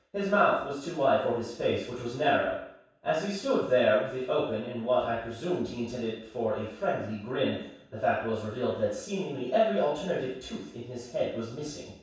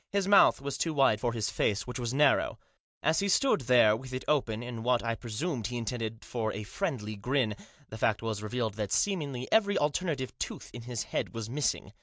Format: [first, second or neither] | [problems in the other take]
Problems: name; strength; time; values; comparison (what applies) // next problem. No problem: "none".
second | room echo; dies away in 0.7 s